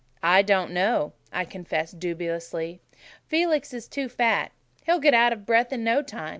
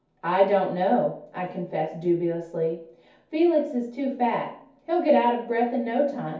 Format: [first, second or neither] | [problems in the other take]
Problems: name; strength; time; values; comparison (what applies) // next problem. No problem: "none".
first | room echo; dies away in 0.6 s